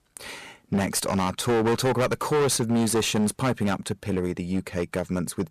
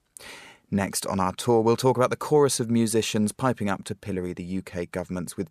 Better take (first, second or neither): second